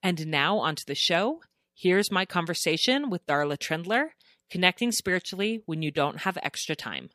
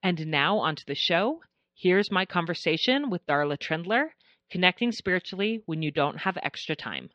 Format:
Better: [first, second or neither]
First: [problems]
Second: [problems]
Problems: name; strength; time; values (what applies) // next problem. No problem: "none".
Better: first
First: none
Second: muffled; very slightly; fading above 4 kHz